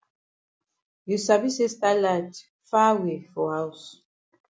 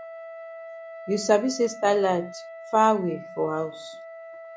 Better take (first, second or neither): first